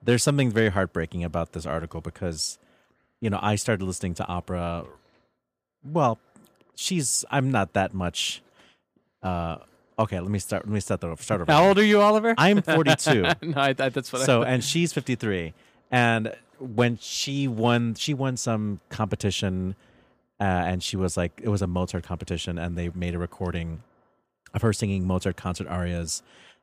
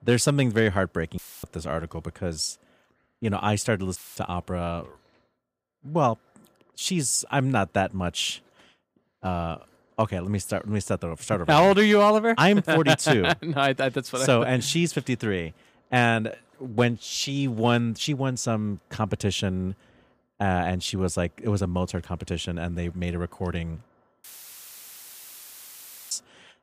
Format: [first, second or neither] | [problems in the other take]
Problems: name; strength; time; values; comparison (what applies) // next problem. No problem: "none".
first | audio cutting out; filled with static; at 1 s, at 4 s and at 24 s for 2 s